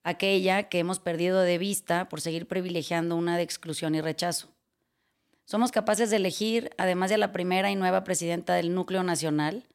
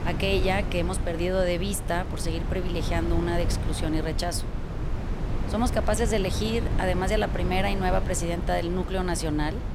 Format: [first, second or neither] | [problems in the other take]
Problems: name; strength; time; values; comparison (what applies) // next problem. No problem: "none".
first | wind noise on the microphone; heavy; 10 dB below the speech